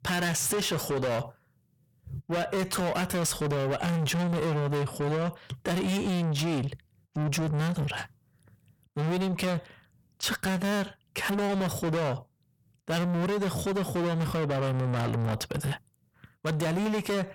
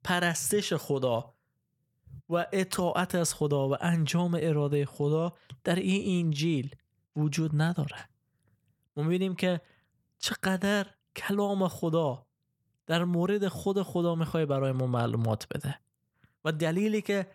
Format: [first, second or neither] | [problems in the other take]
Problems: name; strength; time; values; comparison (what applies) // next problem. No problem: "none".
second | distortion; heavy; 6 dB below the speech